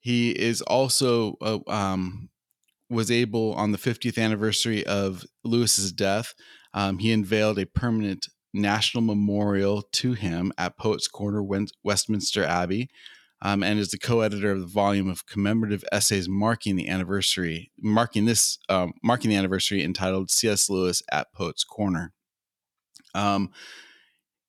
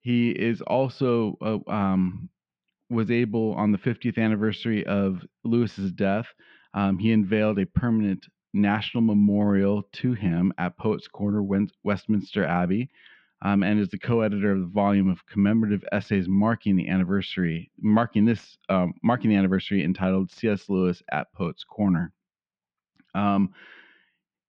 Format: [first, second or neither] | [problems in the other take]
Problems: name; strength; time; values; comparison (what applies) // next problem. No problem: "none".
first | muffled; very; fading above 2.5 kHz